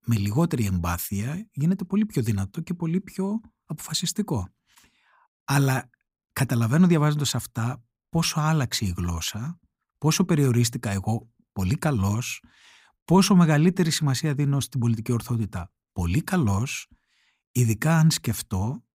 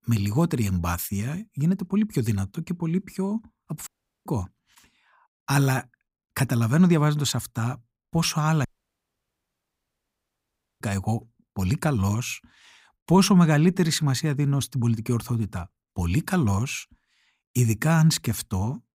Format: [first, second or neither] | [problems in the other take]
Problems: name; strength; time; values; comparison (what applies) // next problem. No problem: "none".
first | audio cutting out; at 4 s and at 8.5 s for 2 s